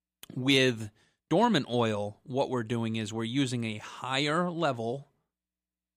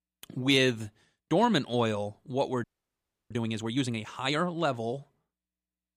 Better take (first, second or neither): first